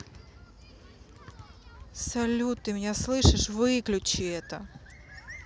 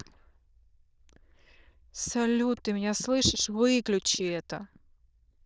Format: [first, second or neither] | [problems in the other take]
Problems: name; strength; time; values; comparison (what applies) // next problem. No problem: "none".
first | noise reduction (neural diffusion model UNIVERSE++)